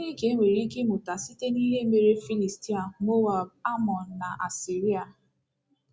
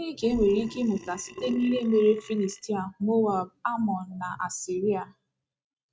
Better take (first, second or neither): first